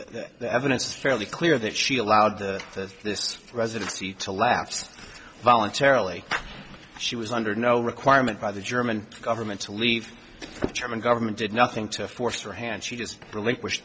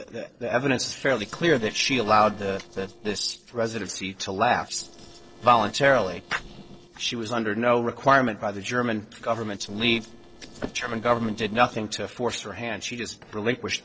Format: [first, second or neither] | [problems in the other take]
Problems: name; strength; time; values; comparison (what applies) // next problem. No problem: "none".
first | noise reduction (neural separator model SepFormer DNS4)